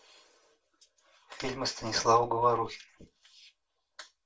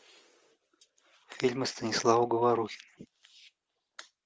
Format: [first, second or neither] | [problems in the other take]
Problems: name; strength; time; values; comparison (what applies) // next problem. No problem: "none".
second | room echo; dies away in 0.1 s